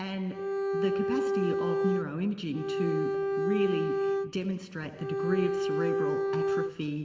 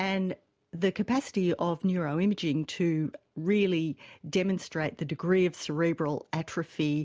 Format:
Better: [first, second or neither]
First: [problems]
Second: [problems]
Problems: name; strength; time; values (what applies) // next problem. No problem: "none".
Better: second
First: background sound (Bowed string instrument); 3 dB above the speech // room echo; dies away in 3 s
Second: none